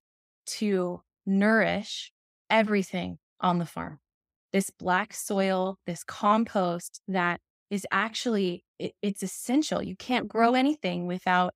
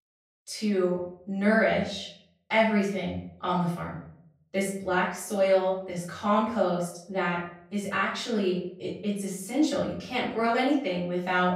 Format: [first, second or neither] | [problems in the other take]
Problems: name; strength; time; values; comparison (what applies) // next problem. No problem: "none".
first | off-mic speech; far // room echo; noticeable; dies away in 0.6 s